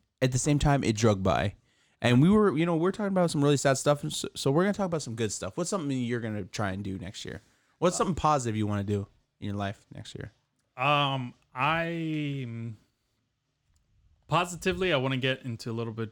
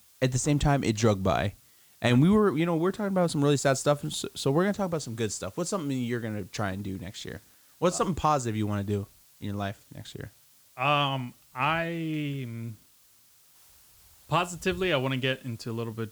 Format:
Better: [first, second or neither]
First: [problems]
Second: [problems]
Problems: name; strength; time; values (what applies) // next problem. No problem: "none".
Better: first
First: none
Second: hiss; faint; throughout; 25 dB below the speech